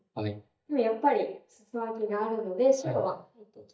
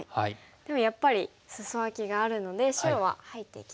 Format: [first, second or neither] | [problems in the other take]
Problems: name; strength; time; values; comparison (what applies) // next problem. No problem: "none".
second | noise reduction (neural mask model DeepFilterNet 3)